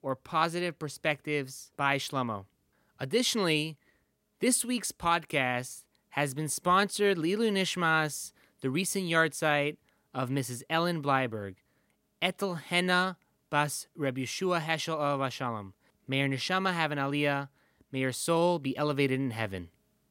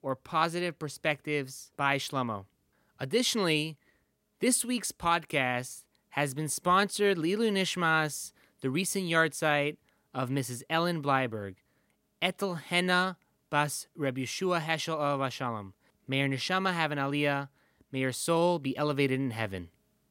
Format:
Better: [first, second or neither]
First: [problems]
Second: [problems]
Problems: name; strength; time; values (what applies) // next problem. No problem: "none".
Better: neither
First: none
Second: none